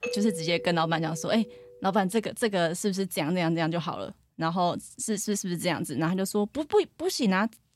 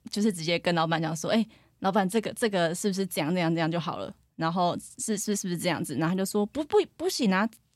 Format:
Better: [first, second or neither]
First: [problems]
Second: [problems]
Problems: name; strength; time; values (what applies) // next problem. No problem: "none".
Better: second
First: doorbell; noticeable; until 1.5 s; peak 6 dB below the speech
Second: none